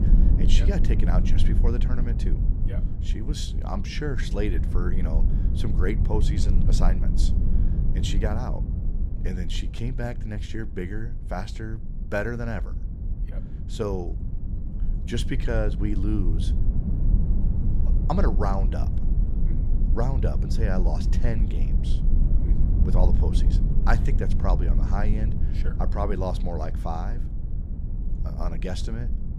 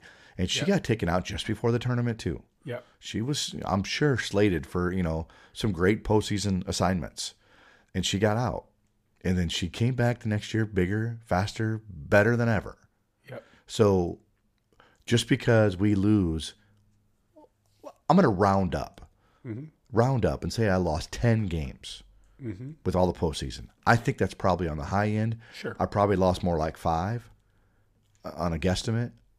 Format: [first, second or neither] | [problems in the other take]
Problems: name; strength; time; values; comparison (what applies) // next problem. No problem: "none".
second | low rumble; loud; throughout; 7 dB below the speech